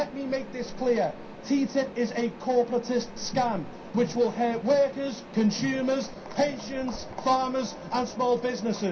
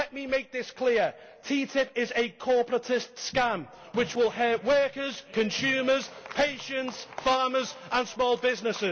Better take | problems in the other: second | background sound (Mechanisms); 14 dB below the speech // room echo; dies away in 0.3 s

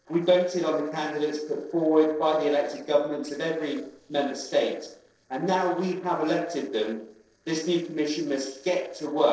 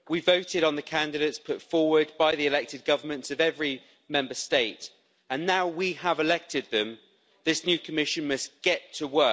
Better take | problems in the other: second | noise reduction (neural separator model SepFormer DNS4)

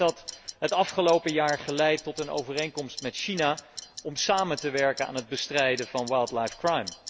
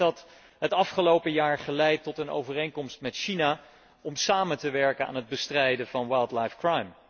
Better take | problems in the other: second | background sound (Clock); 15 dB below the speech

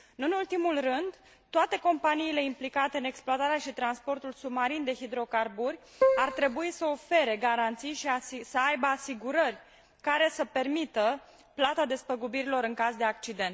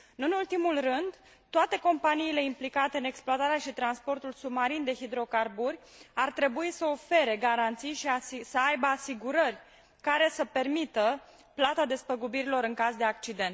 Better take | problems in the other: second | background sound (Keyboard (musical)); 4 dB above the speech

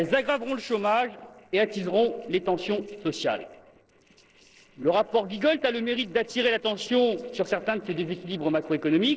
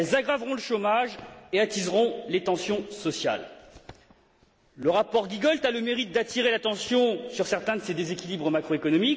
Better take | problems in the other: second | noise reduction (neural separator model SepFormer DNS4)

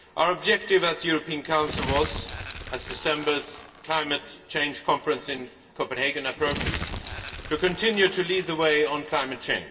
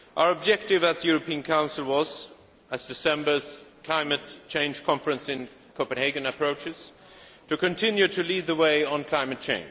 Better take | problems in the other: second | background sound (Crumpling, crinkling); 9 dB below the speech // room echo; dies away in 0.2 s

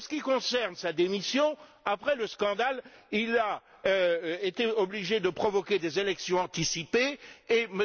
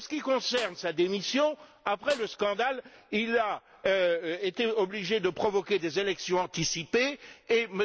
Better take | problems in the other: first | background sound (Snare drum); 18 dB below the speech

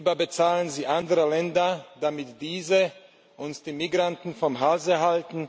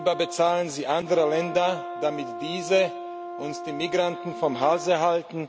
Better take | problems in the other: first | background sound (Brass instrument); 10 dB below the speech

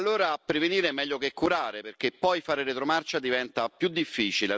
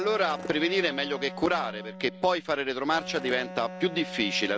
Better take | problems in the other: first | background sound (Wind instrument, woodwind instrument + Skateboard); 12 dB below the speech

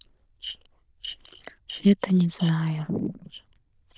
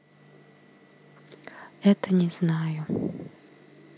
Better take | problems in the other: second | noise reduction (neural diffusion model UNIVERSE++)

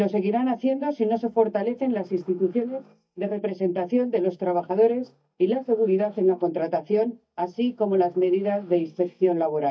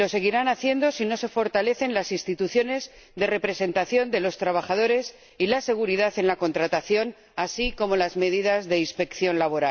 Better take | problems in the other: second | noise reduction (neural mask model DeepFilterNet 3)

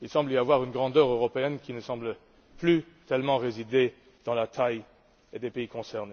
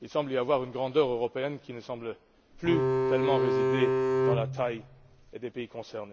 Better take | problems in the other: first | background sound (Bowed string instrument); 4 dB above the speech

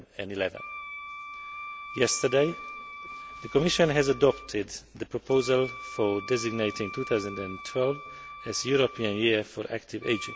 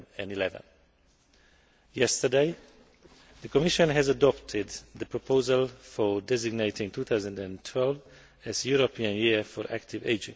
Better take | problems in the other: second | background sound (Wind instrument, woodwind instrument); 13 dB below the speech

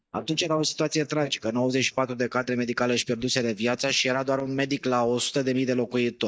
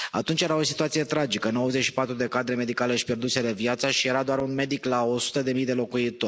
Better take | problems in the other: second | noise reduction (neural mask model DeepFilterNet 3)

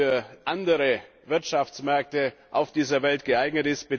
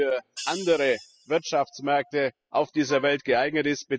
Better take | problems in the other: first | noise reduction (classical method spectral subtraction)

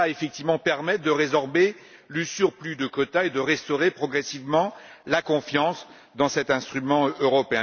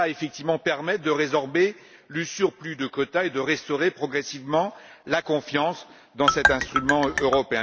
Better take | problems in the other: first | background sound (Marimba, xylophone); 1 dB above the speech

